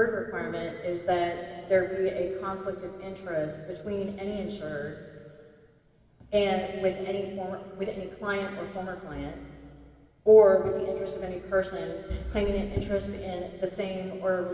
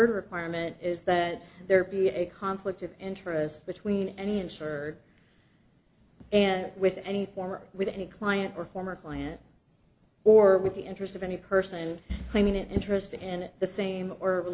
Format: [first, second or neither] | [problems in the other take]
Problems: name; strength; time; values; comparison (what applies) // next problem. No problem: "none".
second | room echo; dies away in 2.5 s